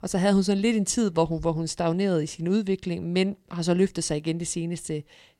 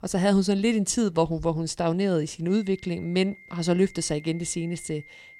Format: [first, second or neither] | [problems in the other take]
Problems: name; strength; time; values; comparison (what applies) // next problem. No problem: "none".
first | high-pitched whine; faint; from 2.5 s on; 2 kHz, 20 dB below the speech